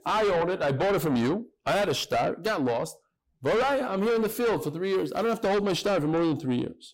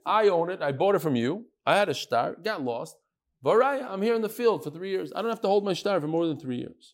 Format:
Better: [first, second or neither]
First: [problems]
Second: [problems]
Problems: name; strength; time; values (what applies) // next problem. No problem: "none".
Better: second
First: distortion; heavy; 5 dB below the speech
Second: none